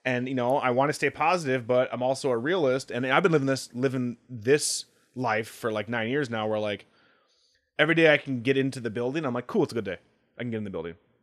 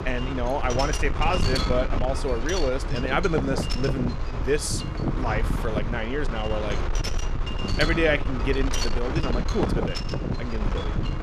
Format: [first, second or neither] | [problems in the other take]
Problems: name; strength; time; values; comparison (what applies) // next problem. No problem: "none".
first | wind noise on the microphone; heavy; 4 dB below the speech